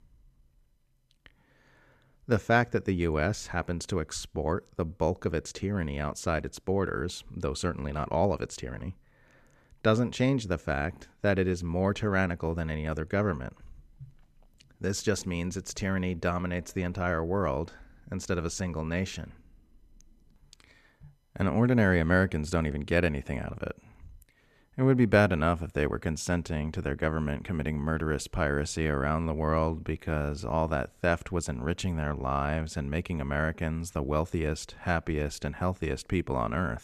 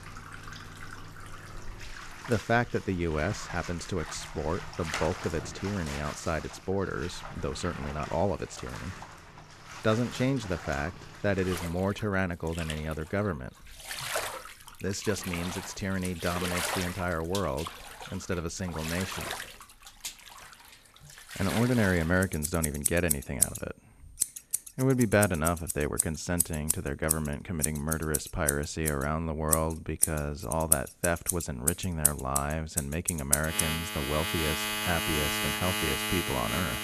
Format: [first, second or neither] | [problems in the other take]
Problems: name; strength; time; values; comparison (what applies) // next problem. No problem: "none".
first | household noises; loud; throughout; 1 dB below the speech